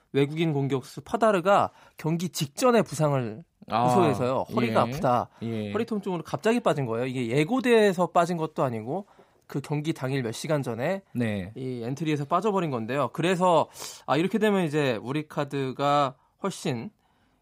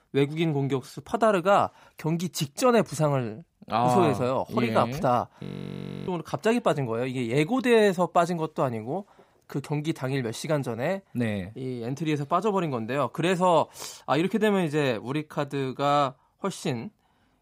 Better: first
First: none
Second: audio freezing; at 5.5 s for 0.5 s

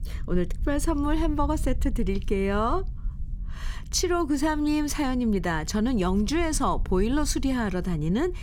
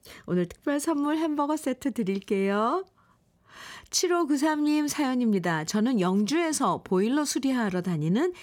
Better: second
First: low rumble; faint; throughout; 25 dB below the speech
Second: none

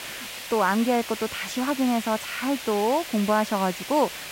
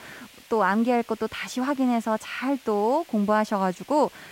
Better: second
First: hiss; loud; throughout; 9 dB below the speech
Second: hiss; faint; throughout; 25 dB below the speech

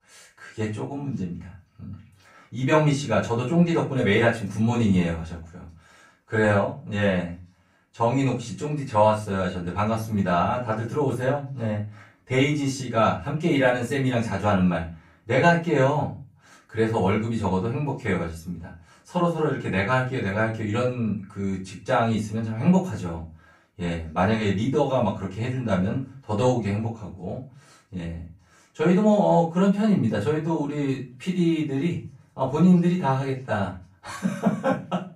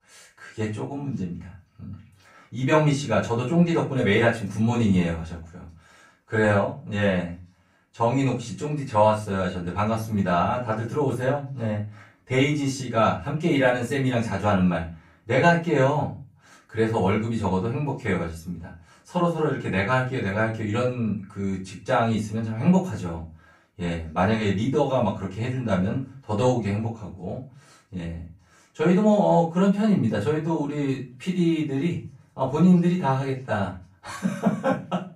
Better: neither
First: off-mic speech; far // room echo; slight; dies away in 0.3 s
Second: off-mic speech; far // room echo; slight; dies away in 0.3 s

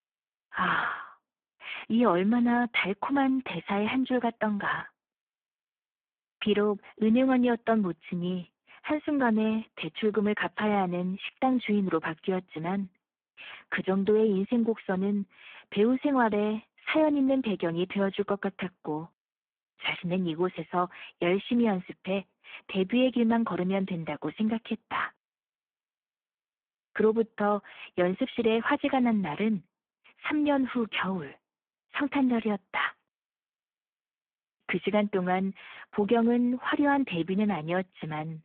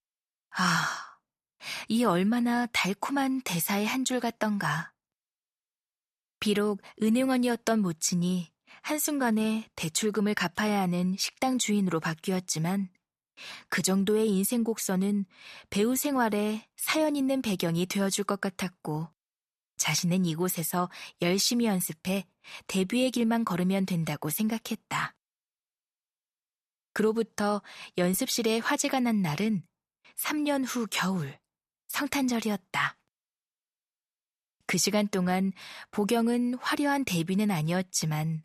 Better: second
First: phone-call audio; poor line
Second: none

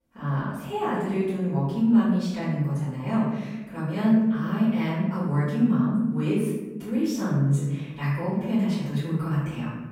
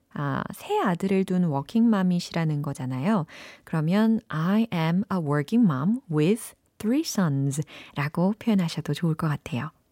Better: second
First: off-mic speech; far // room echo; strong; dies away in 1.1 s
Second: none

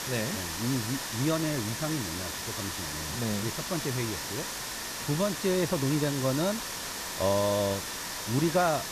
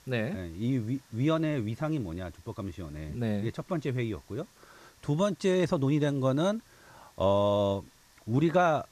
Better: second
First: hiss; loud; throughout; 3 dB below the speech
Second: hiss; faint; throughout; 30 dB below the speech

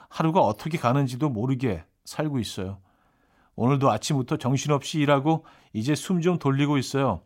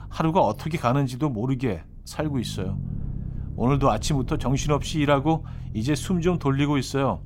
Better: first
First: none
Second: low rumble; faint; throughout; 20 dB below the speech

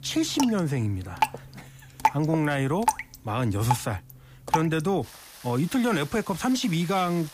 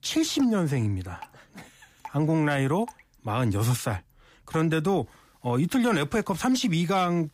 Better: second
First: rain or running water; loud; throughout; 3 dB below the speech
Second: rain or running water; faint; throughout; 25 dB below the speech

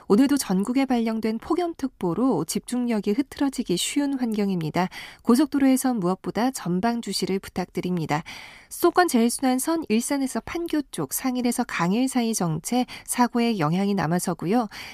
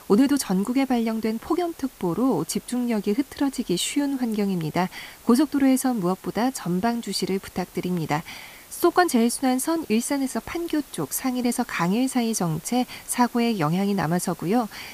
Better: first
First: none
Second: hiss; faint; throughout; 20 dB below the speech

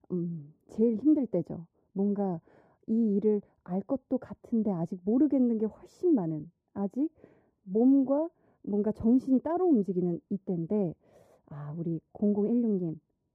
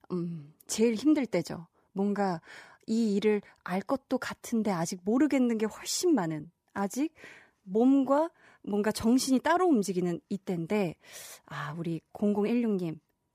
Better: second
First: muffled; very; fading above 1 kHz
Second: none

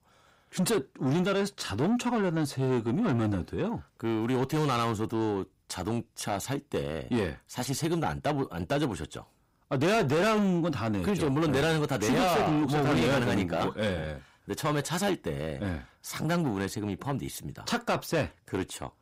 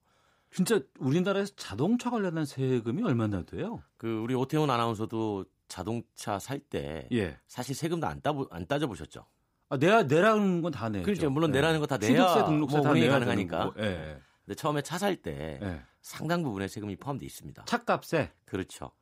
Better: second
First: distortion; heavy; 7 dB below the speech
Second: none

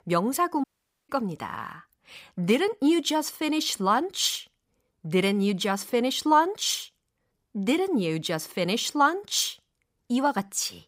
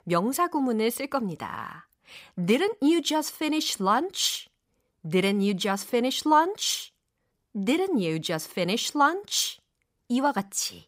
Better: second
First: audio cutting out; at 0.5 s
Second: none

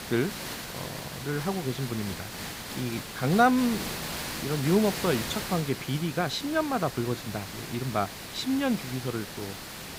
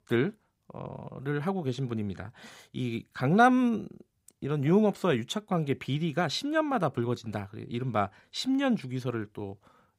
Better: second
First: hiss; loud; throughout; 7 dB below the speech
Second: none

